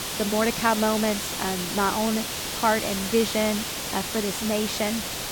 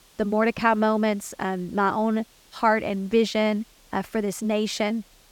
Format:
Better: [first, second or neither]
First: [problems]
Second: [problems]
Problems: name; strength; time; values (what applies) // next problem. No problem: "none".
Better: second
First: hiss; loud; throughout; 2 dB below the speech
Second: hiss; faint; throughout; 30 dB below the speech